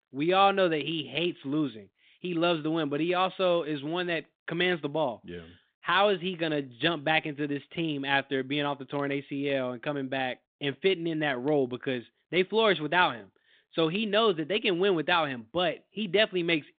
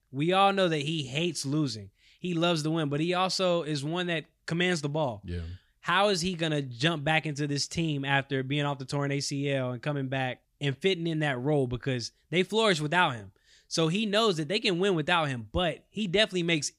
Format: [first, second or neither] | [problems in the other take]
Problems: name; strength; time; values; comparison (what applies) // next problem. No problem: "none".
second | phone-call audio; nothing above 3.5 kHz